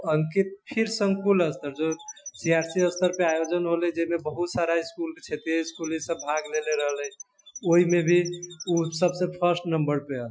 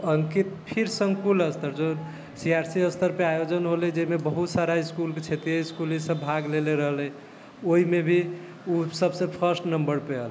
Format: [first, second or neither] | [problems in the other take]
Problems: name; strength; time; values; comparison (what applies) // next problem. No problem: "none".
second | noise reduction (classical method Wiener filter)